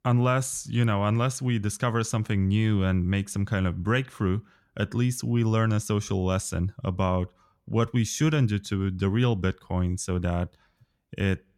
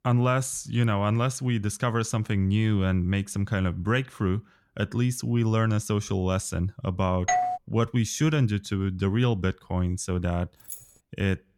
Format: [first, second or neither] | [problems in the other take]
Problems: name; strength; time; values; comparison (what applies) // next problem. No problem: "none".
first | doorbell; loud; at 7.5 s; peak 1 dB above the speech // jangling keys; faint; at 11 s; peak 15 dB below the speech